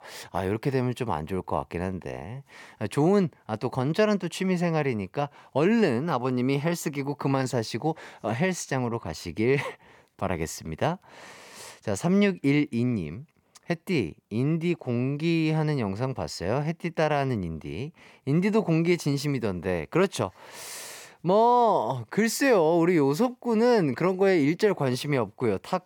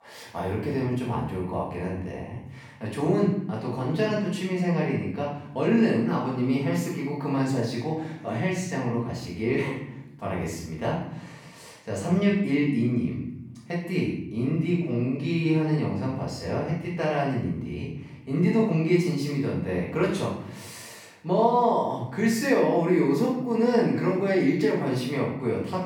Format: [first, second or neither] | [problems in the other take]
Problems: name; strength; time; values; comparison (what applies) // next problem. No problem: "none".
first | off-mic speech; far // room echo; noticeable; dies away in 0.8 s